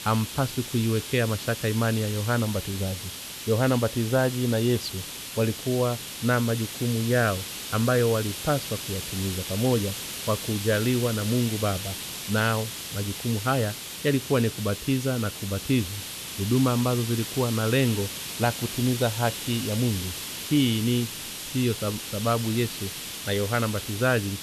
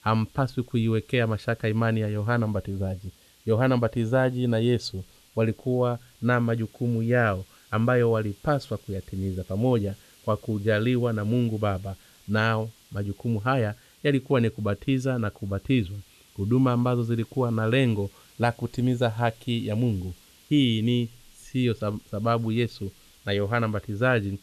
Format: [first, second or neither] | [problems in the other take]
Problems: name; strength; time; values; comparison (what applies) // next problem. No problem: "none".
second | hiss; loud; throughout; 7 dB below the speech; faint in the second